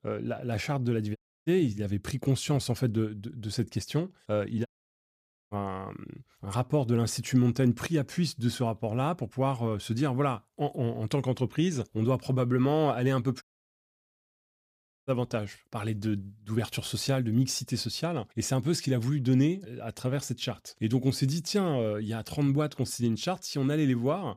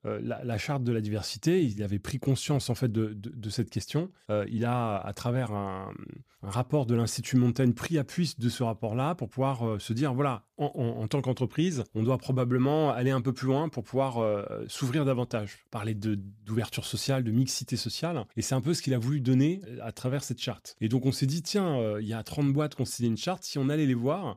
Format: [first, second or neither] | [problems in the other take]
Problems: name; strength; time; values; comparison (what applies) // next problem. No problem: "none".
second | audio cutting out; at 1 s, at 4.5 s for 1 s and at 13 s for 1.5 s